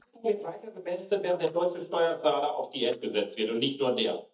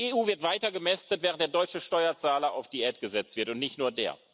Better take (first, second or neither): second